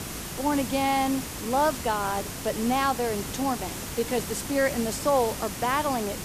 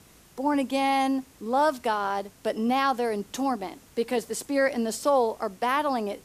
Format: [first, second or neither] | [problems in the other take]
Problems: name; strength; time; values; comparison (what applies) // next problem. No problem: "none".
second | hiss; loud; throughout; 7 dB below the speech; faint in the second